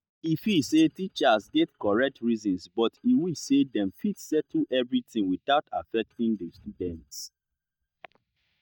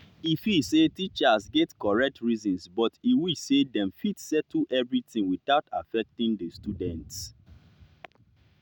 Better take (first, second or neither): second